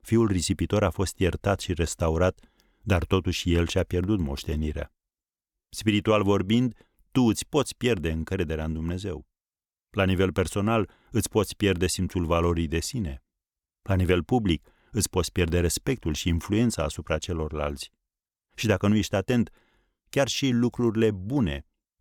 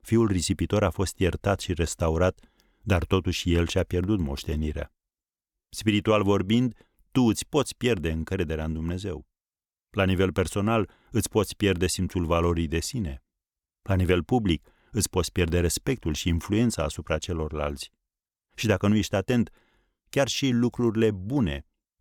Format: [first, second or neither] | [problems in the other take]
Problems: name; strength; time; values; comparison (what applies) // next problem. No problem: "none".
neither | none